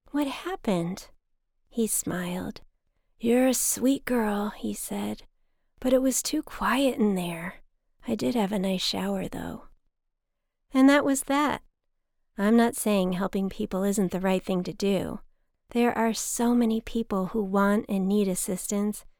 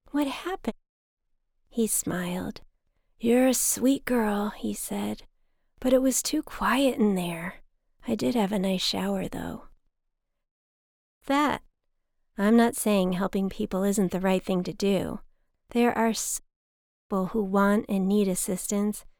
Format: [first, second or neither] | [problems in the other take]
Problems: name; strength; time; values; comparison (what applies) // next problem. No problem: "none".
first | audio cutting out; at 0.5 s, at 10 s for 1 s and at 16 s for 0.5 s